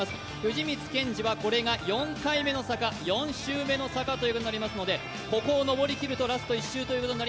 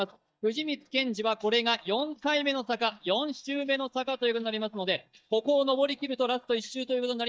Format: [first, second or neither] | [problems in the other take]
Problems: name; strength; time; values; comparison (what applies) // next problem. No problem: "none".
first | noise reduction (neural mask model DeepFilterNet 3)